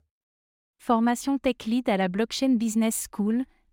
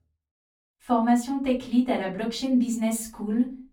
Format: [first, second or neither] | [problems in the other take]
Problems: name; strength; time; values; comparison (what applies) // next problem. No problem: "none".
first | off-mic speech; far // room echo; very slight; dies away in 0.3 s